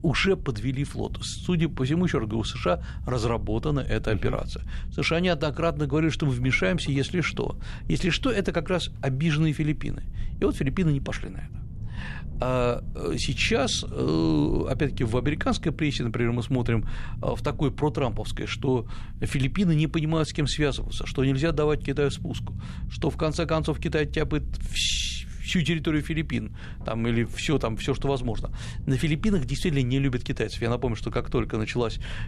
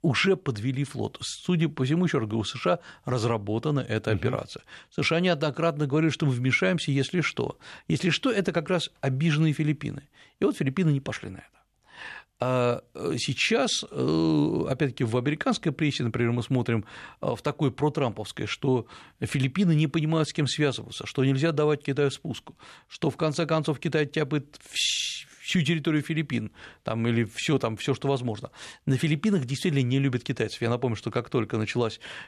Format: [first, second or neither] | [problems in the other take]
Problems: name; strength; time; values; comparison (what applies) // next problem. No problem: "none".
second | low rumble; faint; throughout; 20 dB below the speech